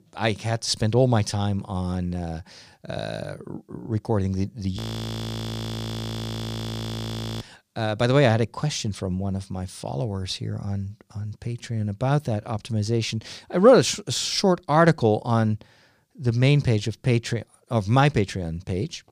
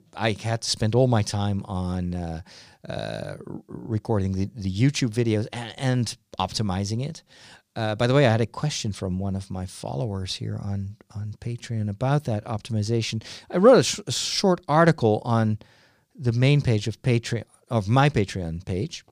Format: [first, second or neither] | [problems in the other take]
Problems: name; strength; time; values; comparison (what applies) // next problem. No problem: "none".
second | audio freezing; at 5 s for 2.5 s